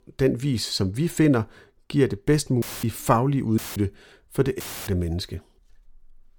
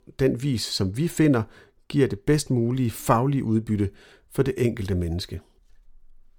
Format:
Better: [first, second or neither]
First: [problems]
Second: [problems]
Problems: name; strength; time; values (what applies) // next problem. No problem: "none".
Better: second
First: audio cutting out; filled with static; at 2.5 s, at 3.5 s and at 4.5 s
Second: none